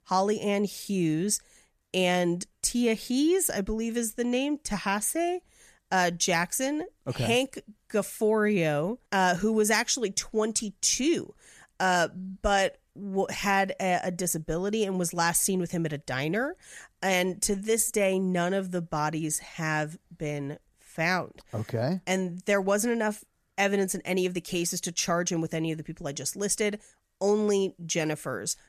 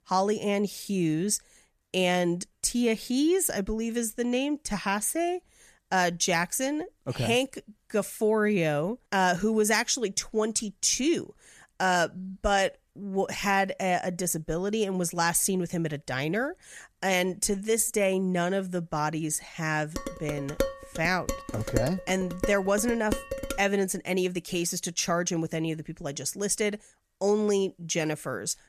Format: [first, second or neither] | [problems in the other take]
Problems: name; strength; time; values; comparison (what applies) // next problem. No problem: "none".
first | clattering dishes; noticeable; from 20 to 24 s; peak 4 dB below the speech